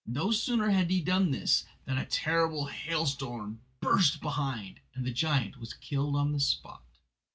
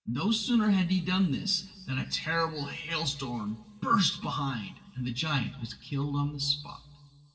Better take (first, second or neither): first